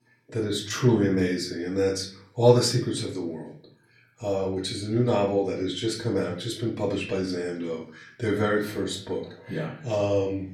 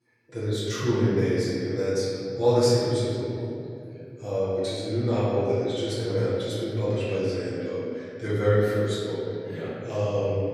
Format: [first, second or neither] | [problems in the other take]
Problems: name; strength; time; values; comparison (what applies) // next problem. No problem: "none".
first | room echo; strong; dies away in 2.5 s; slight in the first // off-mic speech; far; far in the first